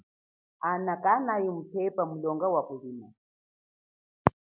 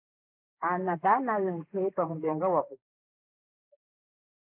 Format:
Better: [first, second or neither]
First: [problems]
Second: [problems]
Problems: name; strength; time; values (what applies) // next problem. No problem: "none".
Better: first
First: none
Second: noise reduction (neural mask model Resemble Enhance denoiser)